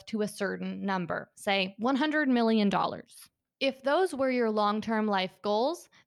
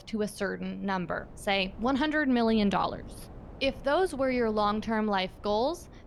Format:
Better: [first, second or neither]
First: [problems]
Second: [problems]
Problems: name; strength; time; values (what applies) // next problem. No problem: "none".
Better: first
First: none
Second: wind noise on the microphone; occasional gusts; 25 dB below the speech